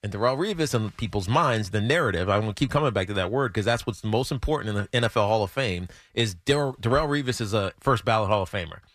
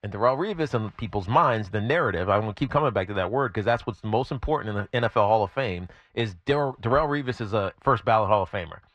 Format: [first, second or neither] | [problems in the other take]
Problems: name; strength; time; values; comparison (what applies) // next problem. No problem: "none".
first | muffled; slightly; fading above 3 kHz